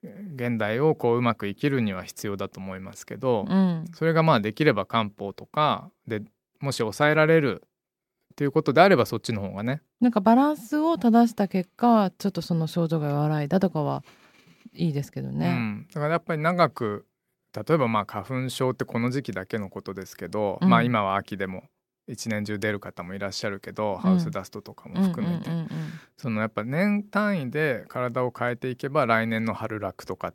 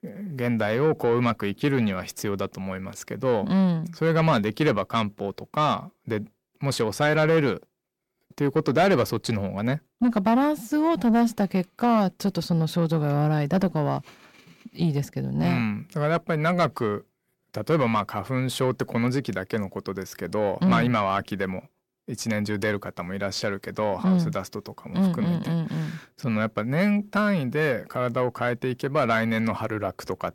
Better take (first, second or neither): first